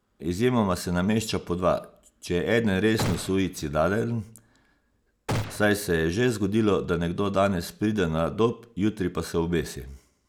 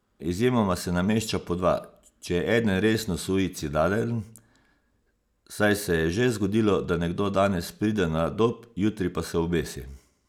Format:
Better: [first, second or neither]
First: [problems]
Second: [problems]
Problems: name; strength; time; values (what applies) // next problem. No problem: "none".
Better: second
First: background sound (Gunshot, gunfire); 9 dB below the speech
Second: none